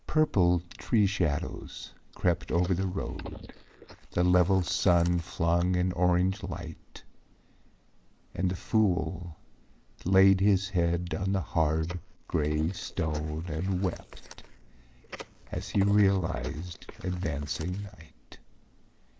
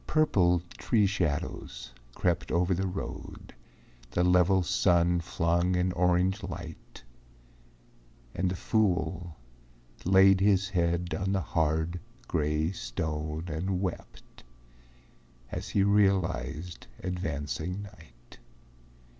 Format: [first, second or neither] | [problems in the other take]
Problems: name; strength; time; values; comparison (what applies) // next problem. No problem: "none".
second | noise reduction (neural mask model Resemble Enhance denoiser)